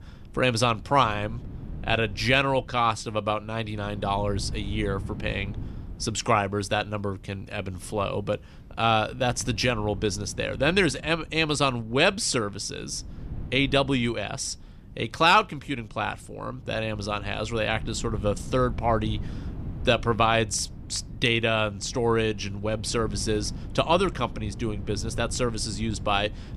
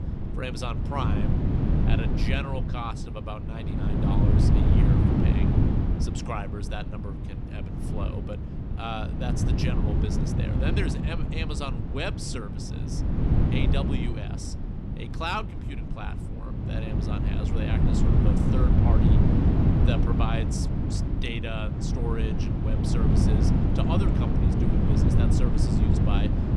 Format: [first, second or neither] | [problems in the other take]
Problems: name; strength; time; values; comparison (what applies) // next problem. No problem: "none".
first | wind noise on the microphone; heavy; 1 dB above the speech; occasional gusts in the first